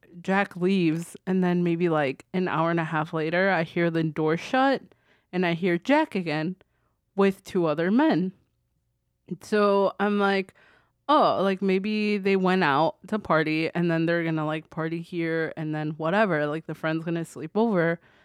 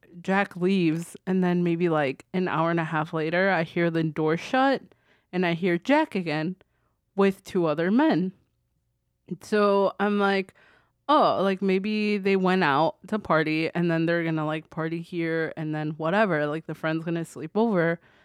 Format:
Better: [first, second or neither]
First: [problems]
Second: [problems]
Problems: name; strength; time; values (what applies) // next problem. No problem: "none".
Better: neither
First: none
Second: none